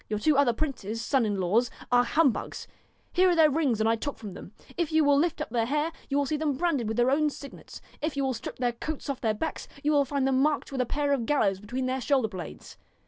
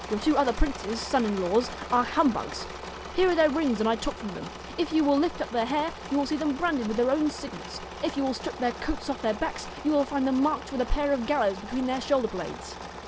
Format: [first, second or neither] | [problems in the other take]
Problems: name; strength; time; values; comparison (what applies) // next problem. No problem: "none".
first | background sound (Engine / Mechanisms); 12 dB below the speech